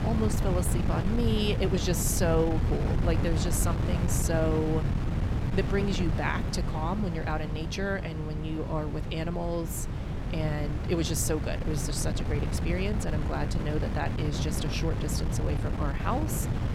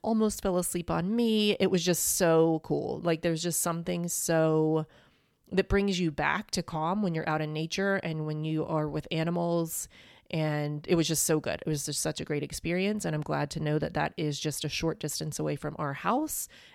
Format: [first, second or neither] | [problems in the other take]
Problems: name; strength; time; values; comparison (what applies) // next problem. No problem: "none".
second | wind noise on the microphone; heavy; 6 dB below the speech